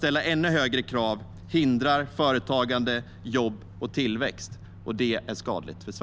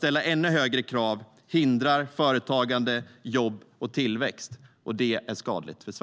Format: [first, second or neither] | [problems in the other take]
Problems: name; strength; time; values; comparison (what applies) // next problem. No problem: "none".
second | background sound (Microwave oven); 17 dB below the speech